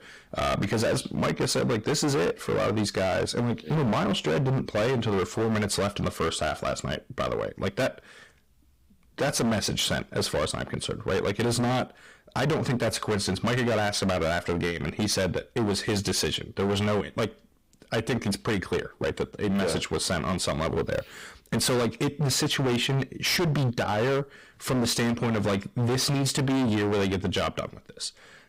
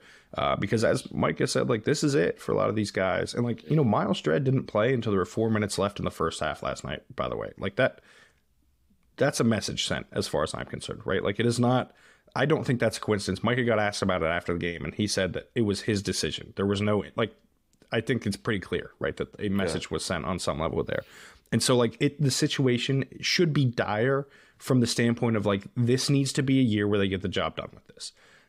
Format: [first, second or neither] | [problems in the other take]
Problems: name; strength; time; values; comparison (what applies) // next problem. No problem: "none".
second | distortion; heavy; 23% of the sound clipped